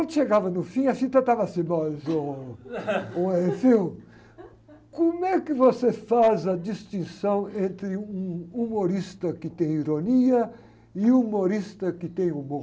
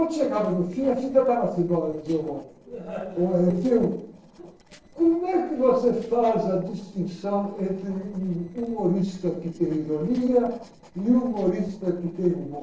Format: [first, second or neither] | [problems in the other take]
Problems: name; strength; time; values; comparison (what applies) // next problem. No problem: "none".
first | noise reduction (neural separator model SepFormer DNS4)